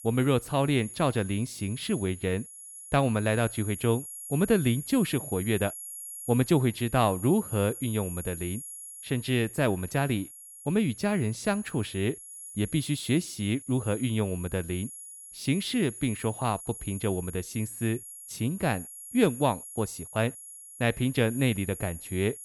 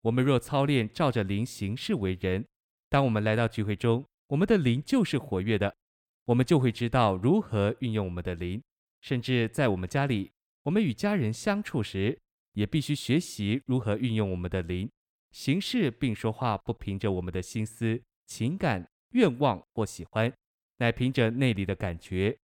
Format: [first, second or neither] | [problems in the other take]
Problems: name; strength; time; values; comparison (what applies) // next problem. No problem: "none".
second | high-pitched whine; noticeable; throughout; 10 kHz, 10 dB below the speech